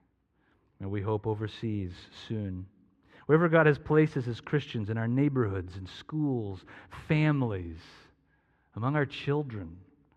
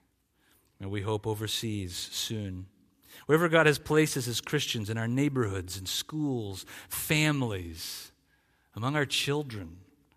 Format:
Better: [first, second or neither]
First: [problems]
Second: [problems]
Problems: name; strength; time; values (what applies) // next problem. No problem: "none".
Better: second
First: muffled; very; fading above 1.5 kHz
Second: none